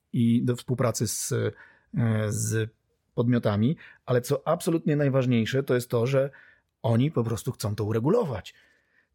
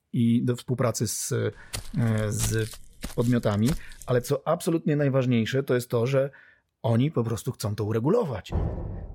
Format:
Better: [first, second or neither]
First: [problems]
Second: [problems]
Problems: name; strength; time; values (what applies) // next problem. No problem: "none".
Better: first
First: none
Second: footsteps; noticeable; from 1.5 to 4.5 s; peak 8 dB below the speech // door banging; noticeable; at 8.5 s; peak 4 dB below the speech